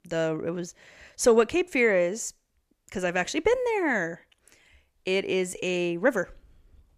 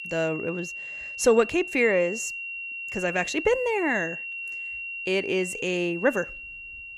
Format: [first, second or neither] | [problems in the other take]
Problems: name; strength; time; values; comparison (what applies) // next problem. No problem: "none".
first | high-pitched whine; loud; throughout; 2.5 kHz, 8 dB below the speech